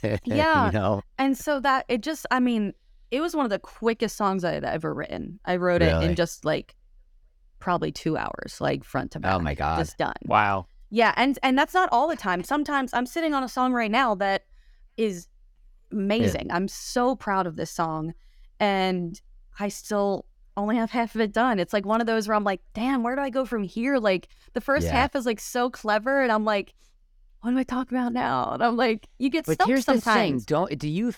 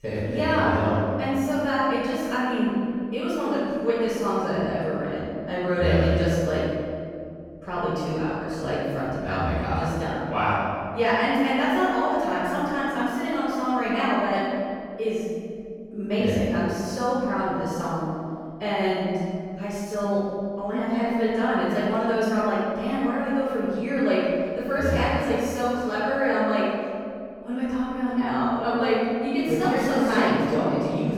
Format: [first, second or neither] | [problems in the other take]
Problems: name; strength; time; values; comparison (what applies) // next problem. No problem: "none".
first | off-mic speech; far // room echo; strong; dies away in 2.2 s